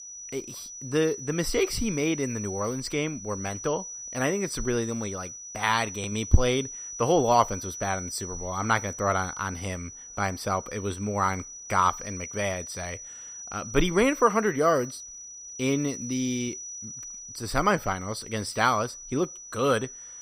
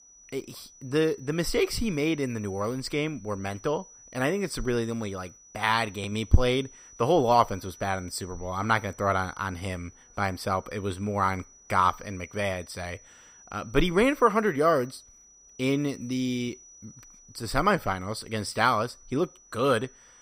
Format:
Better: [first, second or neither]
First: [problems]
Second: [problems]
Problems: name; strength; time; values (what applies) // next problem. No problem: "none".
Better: second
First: high-pitched whine; loud; throughout; 6 kHz, 10 dB below the speech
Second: high-pitched whine; faint; throughout; 6 kHz, 25 dB below the speech